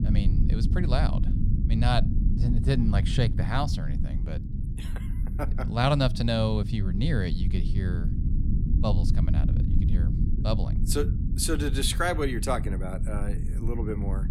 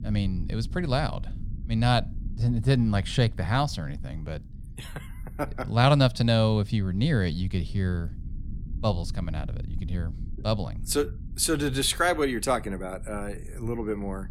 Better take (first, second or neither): second